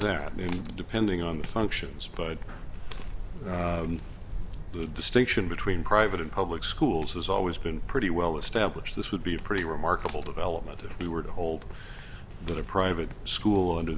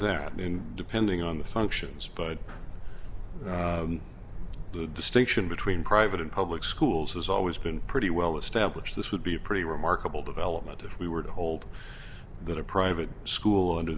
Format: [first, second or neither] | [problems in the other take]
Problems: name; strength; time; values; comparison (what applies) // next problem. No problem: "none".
second | background sound (Walk, footsteps); 14 dB below the speech